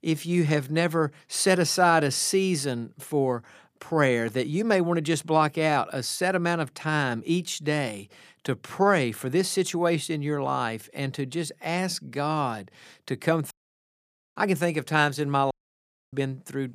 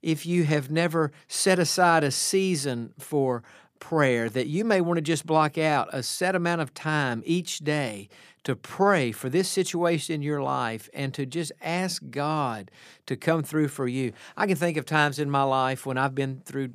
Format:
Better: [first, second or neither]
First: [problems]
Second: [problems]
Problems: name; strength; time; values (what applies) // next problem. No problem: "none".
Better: second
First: audio cutting out; at 14 s for 1 s and at 16 s for 0.5 s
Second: none